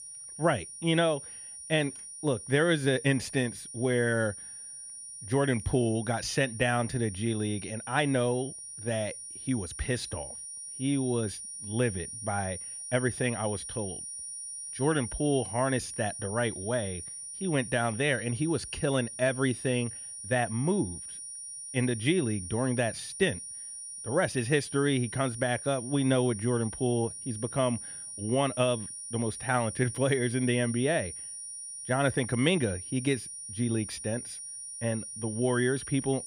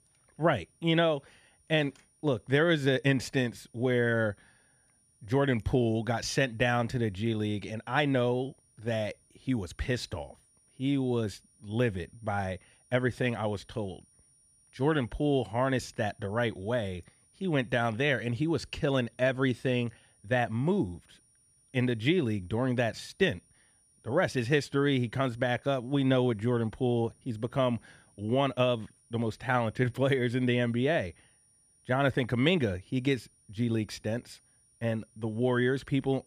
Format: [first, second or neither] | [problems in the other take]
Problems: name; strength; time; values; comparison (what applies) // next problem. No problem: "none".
second | high-pitched whine; loud; throughout; 9.5 kHz, 9 dB below the speech; faint in the second